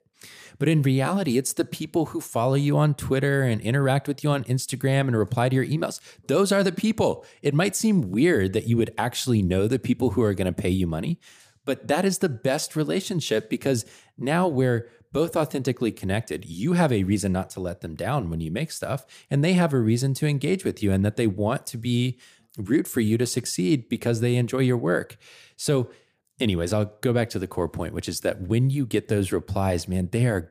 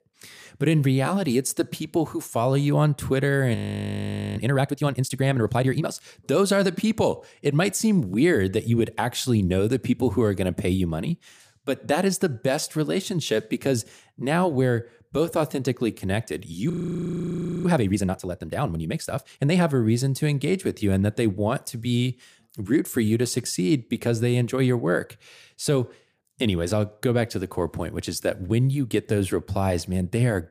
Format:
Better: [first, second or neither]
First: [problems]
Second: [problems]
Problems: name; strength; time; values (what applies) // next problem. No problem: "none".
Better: first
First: none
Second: audio freezing; at 3.5 s for 1 s and at 17 s for 1 s